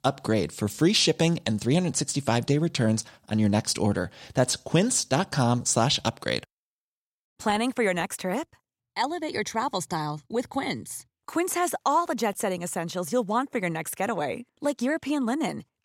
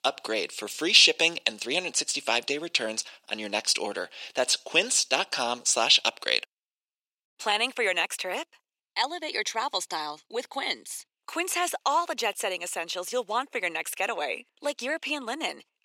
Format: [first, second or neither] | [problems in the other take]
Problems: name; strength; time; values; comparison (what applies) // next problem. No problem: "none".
first | thin; very; fading below 400 Hz